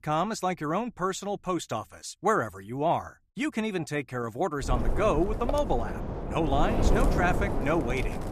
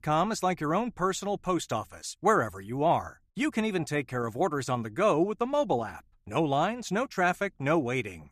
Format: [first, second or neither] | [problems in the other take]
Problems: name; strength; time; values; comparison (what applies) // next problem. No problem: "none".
second | wind noise on the microphone; heavy; from 4.5 s on; 5 dB below the speech